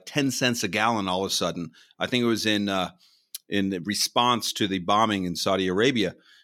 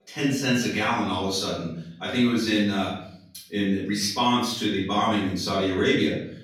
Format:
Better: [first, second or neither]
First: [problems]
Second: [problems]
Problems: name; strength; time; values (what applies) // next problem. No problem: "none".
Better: first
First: none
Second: off-mic speech; far // room echo; noticeable; dies away in 0.7 s